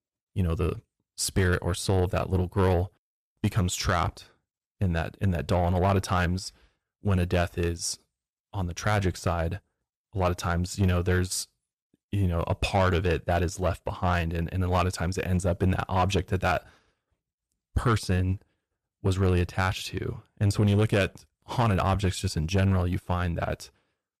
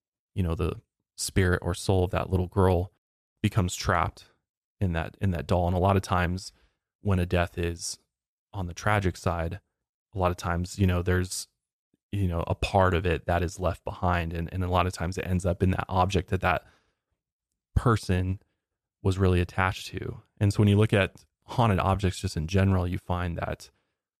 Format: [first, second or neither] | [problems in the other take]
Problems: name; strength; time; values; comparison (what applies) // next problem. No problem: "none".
second | distortion; slight; 10 dB below the speech